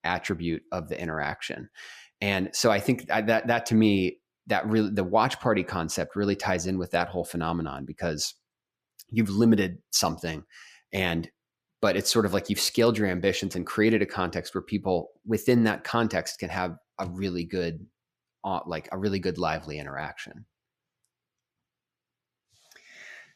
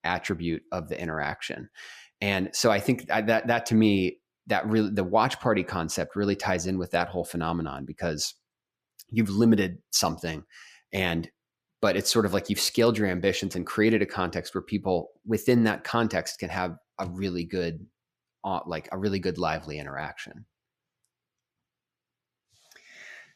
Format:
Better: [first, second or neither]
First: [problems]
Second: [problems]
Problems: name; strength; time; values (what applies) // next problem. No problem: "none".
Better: neither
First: none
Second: none